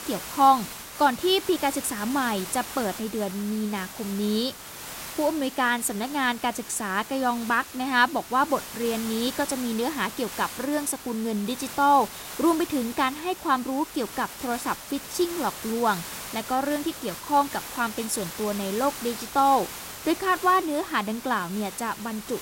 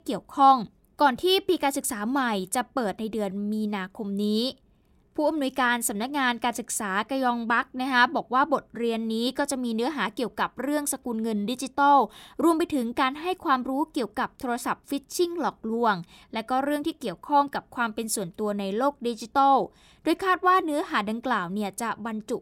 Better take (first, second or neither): second